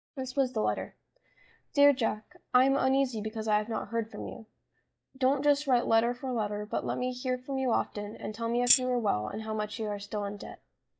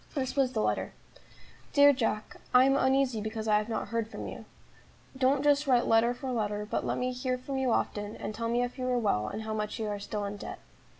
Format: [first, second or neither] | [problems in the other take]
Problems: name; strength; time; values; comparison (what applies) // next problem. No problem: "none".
second | noise reduction (neural mask model DeepFilterNet 3)